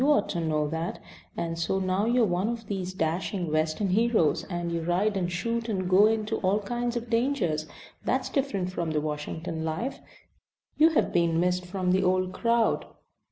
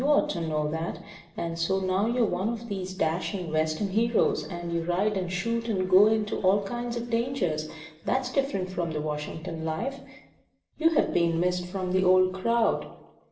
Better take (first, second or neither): first